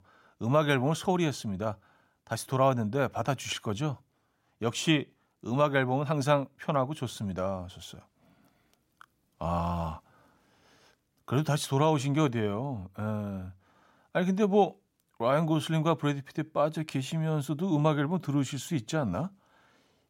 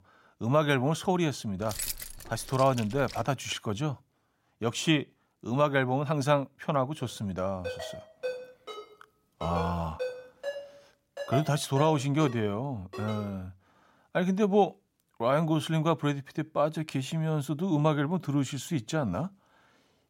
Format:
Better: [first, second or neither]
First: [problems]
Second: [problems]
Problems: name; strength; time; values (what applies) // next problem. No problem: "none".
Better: first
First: none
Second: jangling keys; noticeable; from 1.5 to 3 s; peak 4 dB below the speech // phone ringing; noticeable; from 7 to 13 s; peak 6 dB below the speech